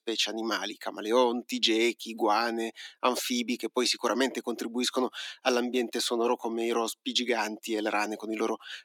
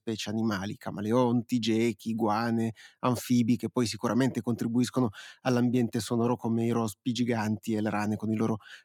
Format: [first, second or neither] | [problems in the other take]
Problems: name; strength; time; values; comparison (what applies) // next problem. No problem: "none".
second | thin; somewhat; fading below 300 Hz